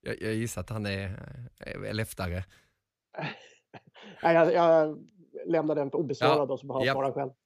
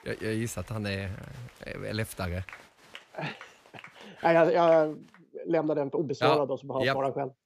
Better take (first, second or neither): first